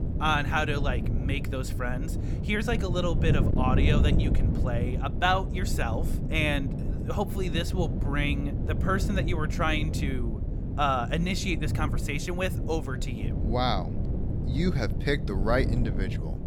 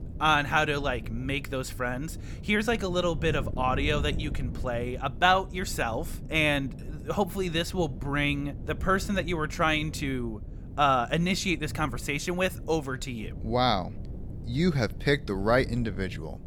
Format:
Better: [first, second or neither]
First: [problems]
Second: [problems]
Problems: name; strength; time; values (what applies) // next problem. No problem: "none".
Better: second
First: wind noise on the microphone; heavy; 10 dB below the speech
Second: wind noise on the microphone; occasional gusts; 20 dB below the speech